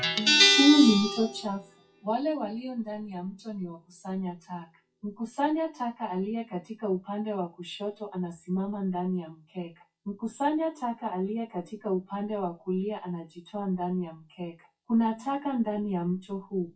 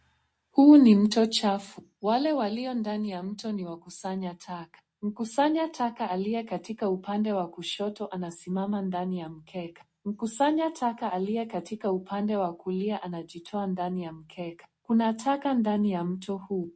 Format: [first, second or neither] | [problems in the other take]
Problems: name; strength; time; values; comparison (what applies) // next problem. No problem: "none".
second | noise reduction (classical method WPE with log-MMSE)